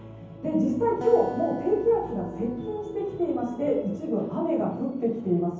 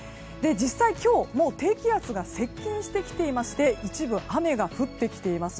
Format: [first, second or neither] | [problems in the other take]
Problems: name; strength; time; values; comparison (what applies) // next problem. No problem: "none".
second | background sound (Acoustic guitar); 15 dB below the speech // room echo; dies away in 0.9 s